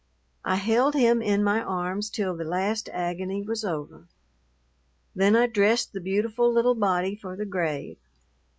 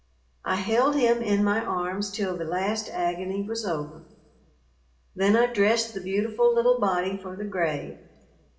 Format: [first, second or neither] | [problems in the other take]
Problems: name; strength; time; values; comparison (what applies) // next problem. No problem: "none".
first | room echo; dies away in 0.8 s